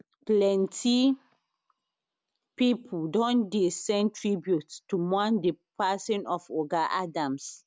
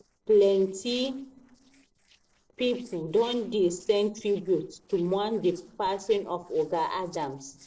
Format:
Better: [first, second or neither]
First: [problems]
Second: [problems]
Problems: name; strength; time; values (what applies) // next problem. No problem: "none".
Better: first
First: none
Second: noise reduction (neural separator model SepFormer DNS4)